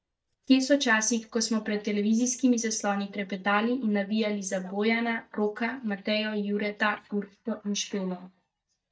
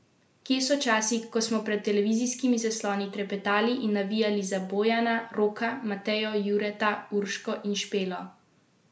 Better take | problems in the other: second | noise reduction (neural mask model DeepFilterNet 3)

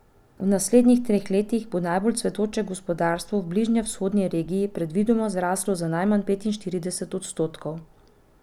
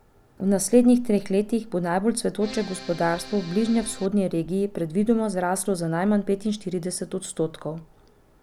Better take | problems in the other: first | background sound (Accordion); 16 dB below the speech

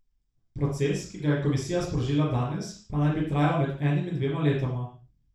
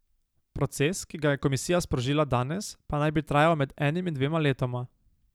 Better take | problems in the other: second | room echo; dies away in 0.4 s

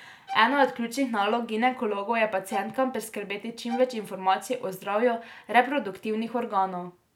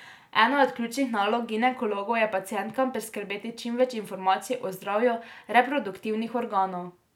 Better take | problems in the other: second | background sound (Bowed string instrument); 15 dB below the speech

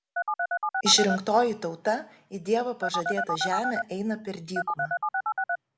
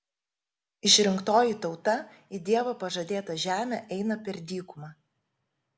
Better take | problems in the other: second | background sound (Telephone); as loud as the speech

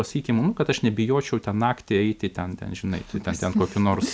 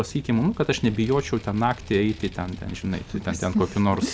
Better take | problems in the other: first | background sound (Vehicle); 16 dB below the speech

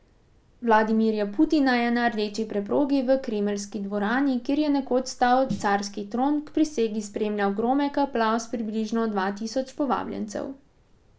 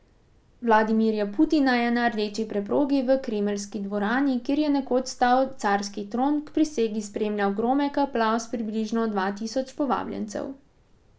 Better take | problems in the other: second | background sound (Snare drum); 15 dB below the speech

